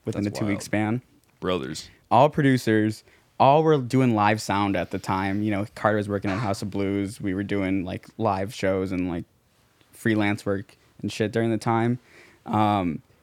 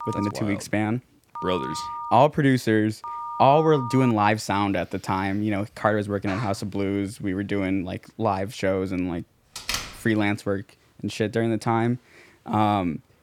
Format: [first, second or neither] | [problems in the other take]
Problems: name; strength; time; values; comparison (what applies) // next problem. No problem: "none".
first | phone ringing; noticeable; until 4 s; peak 8 dB below the speech // door banging; noticeable; at 9.5 s; peak 4 dB below the speech